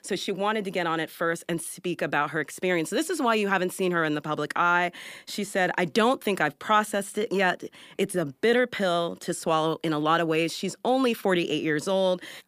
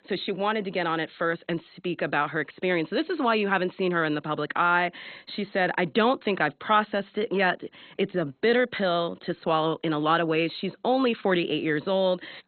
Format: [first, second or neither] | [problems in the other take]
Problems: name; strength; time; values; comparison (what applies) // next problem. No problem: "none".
first | garbled, watery; badly; nothing above 4 kHz